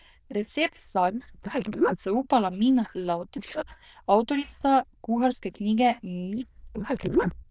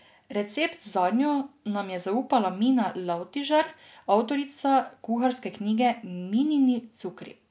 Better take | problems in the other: second | noise reduction (neural diffusion model UNIVERSE++)

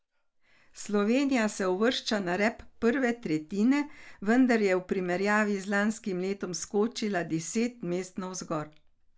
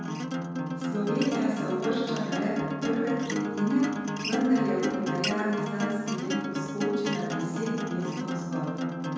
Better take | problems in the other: first | background sound (Acoustic guitar); 2 dB below the speech // room echo; dies away in 1.2 s

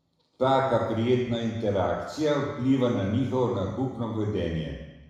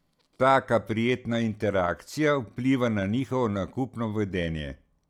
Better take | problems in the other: second | room echo; dies away in 1 s

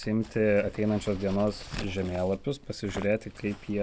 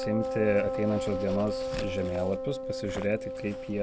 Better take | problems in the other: first | background sound (Wind instrument, woodwind instrument); 3 dB below the speech

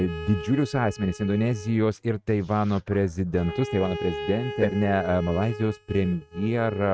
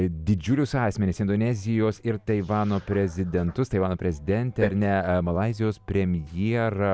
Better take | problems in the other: second | noise reduction (neural mask model RNNoise)

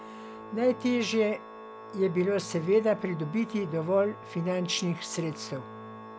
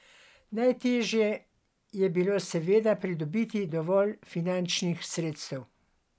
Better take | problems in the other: second | background sound (Organ); 14 dB below the speech

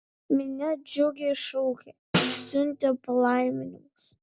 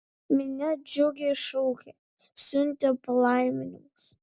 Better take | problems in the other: second | background sound (Snare drum); 4 dB below the speech

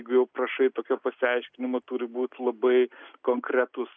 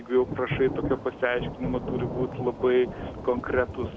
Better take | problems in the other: first | background sound (Thunder / Rain); 7 dB below the speech

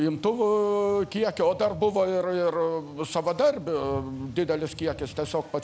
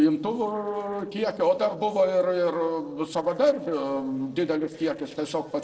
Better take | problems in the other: first | noise reduction (neural separator model SepFormer DNS4)

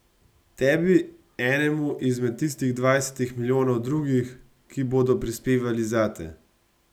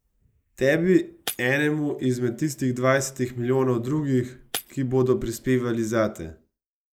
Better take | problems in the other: first | noise reduction (neural mask model Resemble Enhance denoiser)

